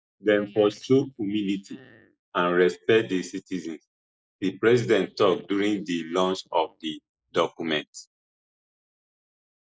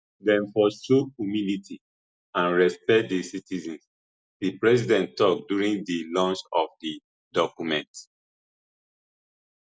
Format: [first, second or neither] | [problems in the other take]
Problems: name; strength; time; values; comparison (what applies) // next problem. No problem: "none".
second | noise reduction (neural mask model Resemble Enhance denoiser)